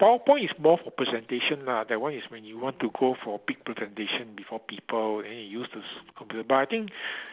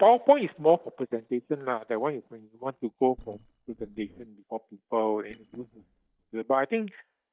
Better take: first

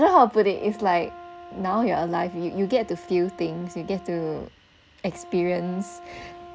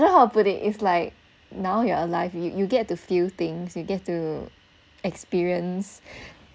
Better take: second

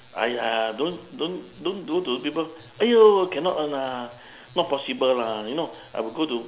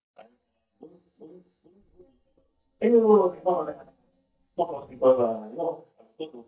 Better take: first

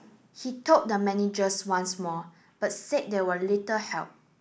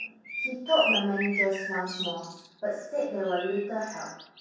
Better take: first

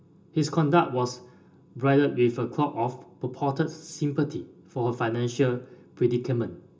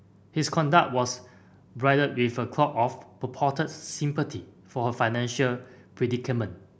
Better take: second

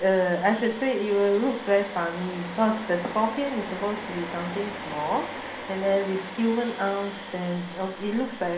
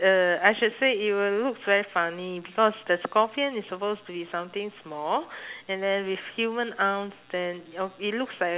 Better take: second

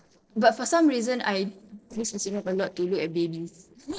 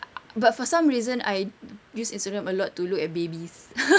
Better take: second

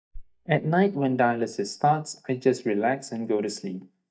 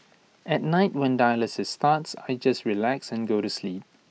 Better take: second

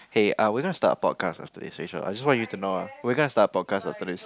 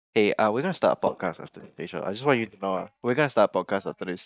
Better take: first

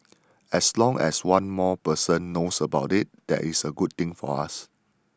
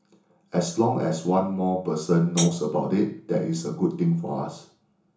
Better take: first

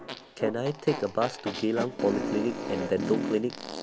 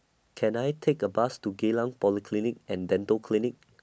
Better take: second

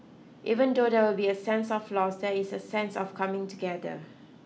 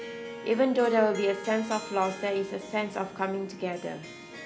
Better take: first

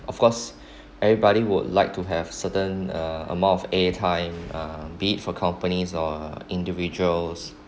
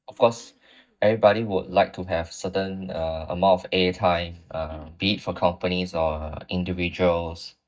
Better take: first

